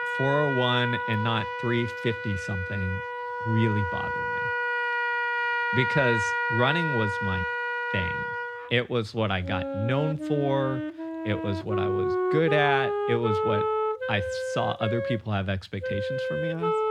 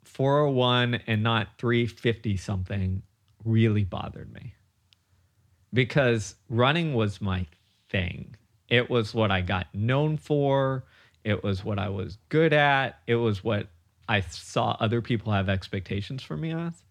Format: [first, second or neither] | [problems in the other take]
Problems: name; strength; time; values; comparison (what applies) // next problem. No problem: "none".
second | background music; loud; throughout; as loud as the speech